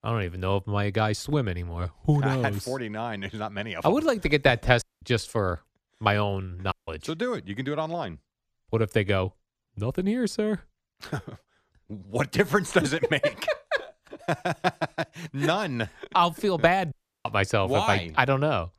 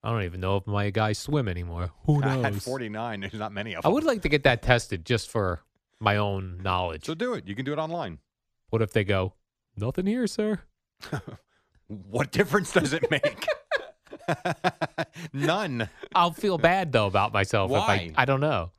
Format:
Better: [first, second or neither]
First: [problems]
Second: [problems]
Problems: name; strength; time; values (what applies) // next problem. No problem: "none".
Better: second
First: audio cutting out; at 5 s, at 6.5 s and at 17 s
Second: none